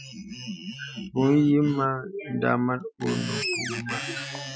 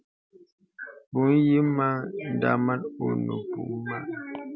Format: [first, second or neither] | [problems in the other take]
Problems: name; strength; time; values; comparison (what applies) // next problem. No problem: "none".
second | noise reduction (classical method Wiener filter)